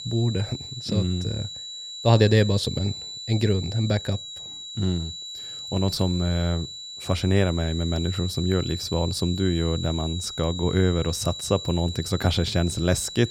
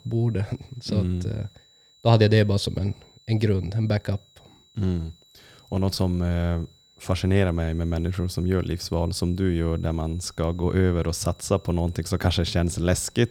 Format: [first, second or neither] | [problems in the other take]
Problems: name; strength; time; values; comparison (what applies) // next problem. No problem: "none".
second | high-pitched whine; loud; throughout; 4 kHz, 9 dB below the speech; faint in the second